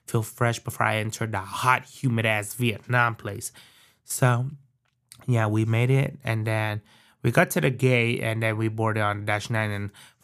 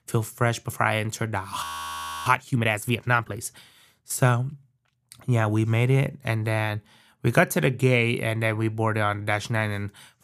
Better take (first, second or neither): first